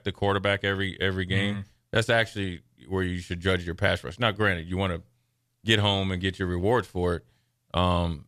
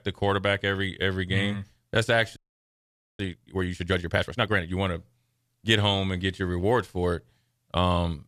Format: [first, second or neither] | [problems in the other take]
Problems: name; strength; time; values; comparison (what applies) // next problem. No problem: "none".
first | audio freezing; at 2.5 s for 1 s